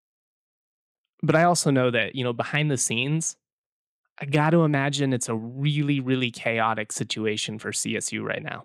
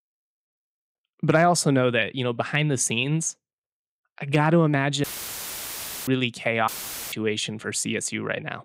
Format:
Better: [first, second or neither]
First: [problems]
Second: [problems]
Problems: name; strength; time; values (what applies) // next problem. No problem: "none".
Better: first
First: none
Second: audio cutting out; filled with static; at 5 s for 1 s and at 6.5 s